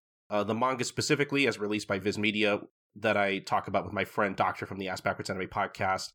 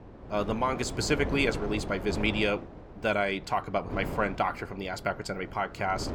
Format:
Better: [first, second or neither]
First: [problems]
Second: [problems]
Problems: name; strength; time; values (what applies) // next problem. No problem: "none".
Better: first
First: none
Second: wind noise on the microphone; occasional gusts; 10 dB below the speech